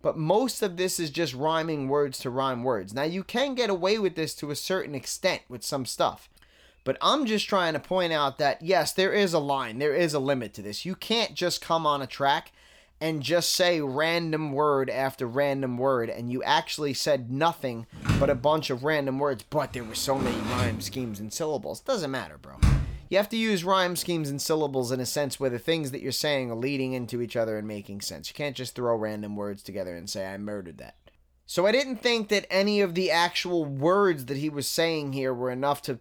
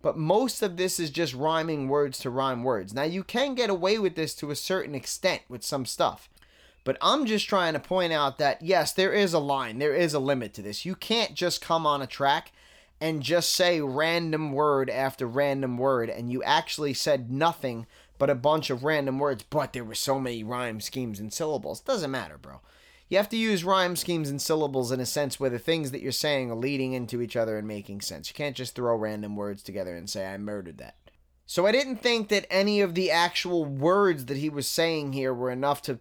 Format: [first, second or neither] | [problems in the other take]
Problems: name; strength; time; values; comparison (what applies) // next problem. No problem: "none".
second | door banging; loud; from 18 to 23 s; peak 2 dB above the speech